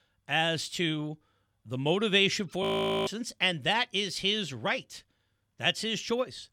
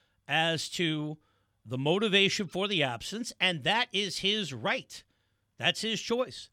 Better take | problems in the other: second | audio freezing; at 2.5 s

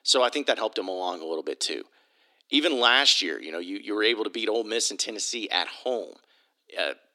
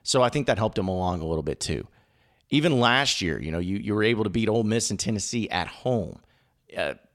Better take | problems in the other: second | thin; somewhat; fading below 300 Hz

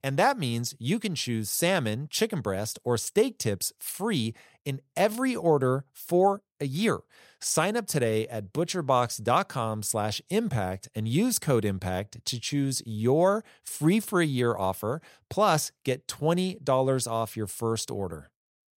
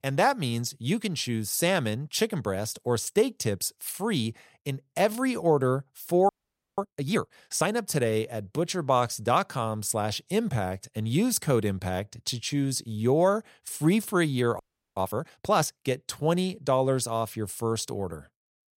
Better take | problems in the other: first | audio freezing; at 6.5 s and at 15 s

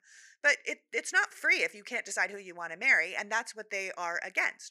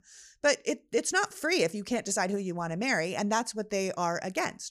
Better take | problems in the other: second | thin; very; fading below 400 Hz

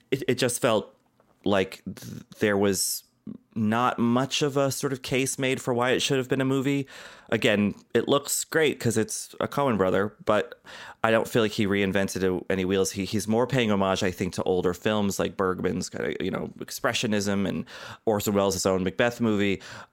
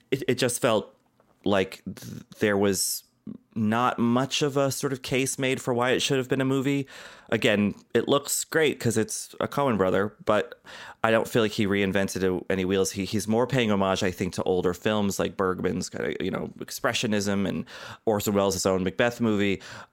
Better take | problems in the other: neither | none

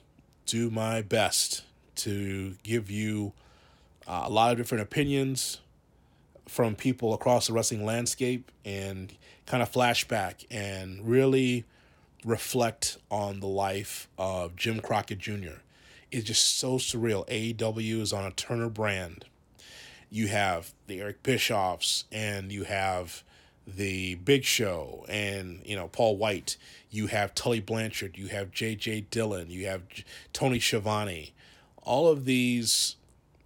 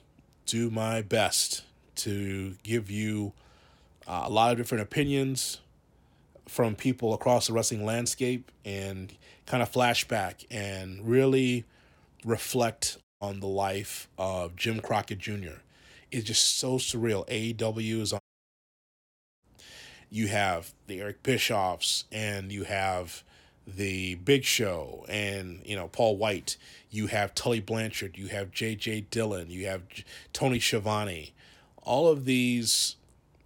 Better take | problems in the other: first | audio cutting out; at 13 s and at 18 s for 1 s

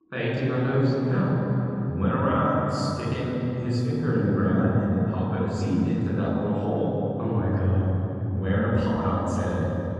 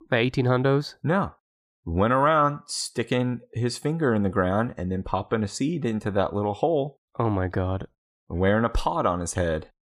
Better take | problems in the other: second | room echo; strong; dies away in 3 s // off-mic speech; far

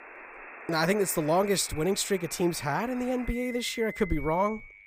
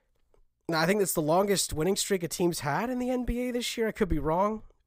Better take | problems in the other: second | alarms or sirens; noticeable; throughout; 15 dB below the speech

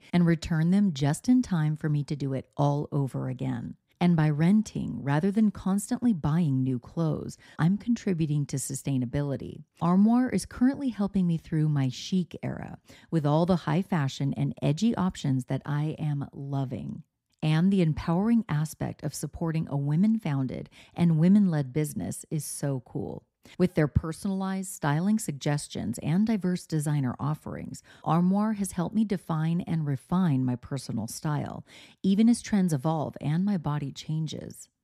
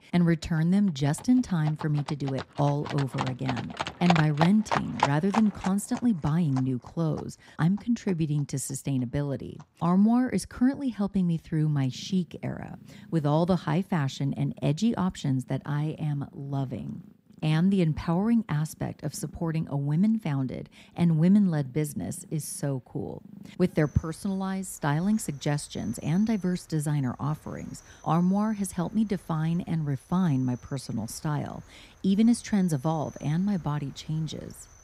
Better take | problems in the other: first | animal sounds; noticeable; throughout; 10 dB below the speech

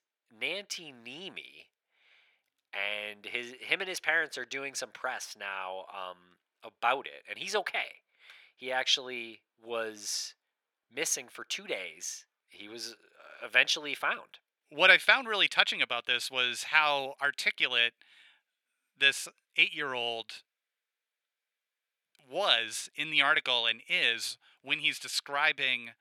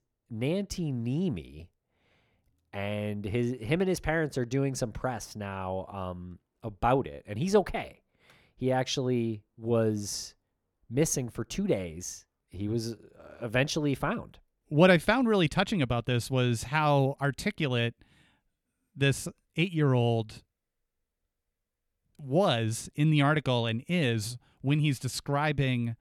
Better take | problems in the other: second | thin; very; fading below 700 Hz

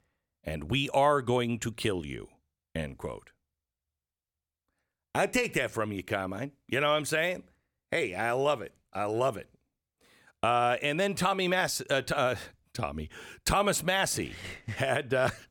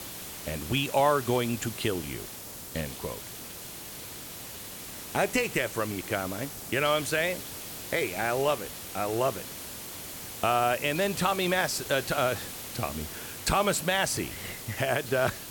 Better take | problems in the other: first | hiss; loud; throughout; 9 dB below the speech

